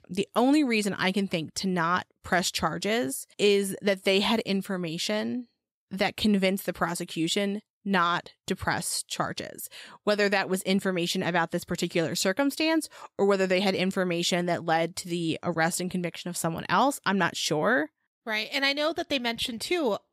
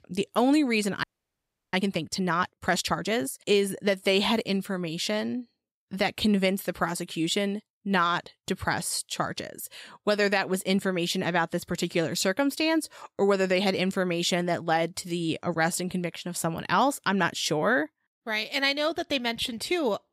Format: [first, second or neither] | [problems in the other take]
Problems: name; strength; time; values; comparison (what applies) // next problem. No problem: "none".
first | audio freezing; at 1 s for 0.5 s